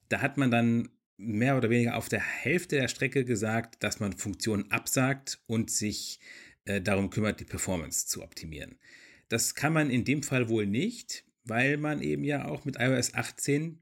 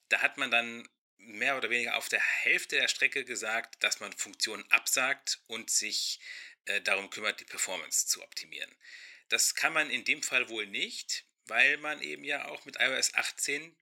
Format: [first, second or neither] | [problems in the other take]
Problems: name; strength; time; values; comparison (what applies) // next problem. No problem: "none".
first | thin; very; fading below 650 Hz